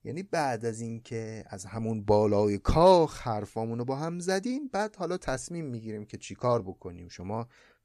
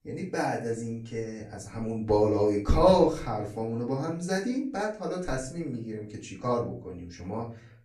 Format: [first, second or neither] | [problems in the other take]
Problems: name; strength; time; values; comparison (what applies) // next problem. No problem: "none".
first | off-mic speech; far // room echo; slight; dies away in 0.4 s